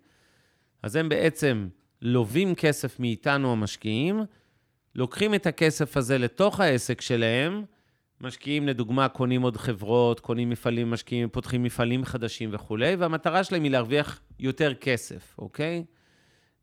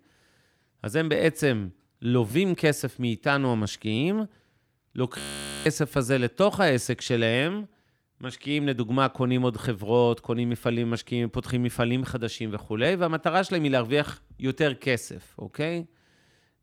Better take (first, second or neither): first